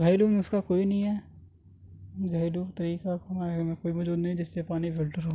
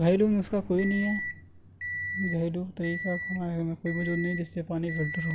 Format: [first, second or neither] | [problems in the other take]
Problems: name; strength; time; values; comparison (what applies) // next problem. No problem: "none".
first | background sound (Microwave oven); 9 dB below the speech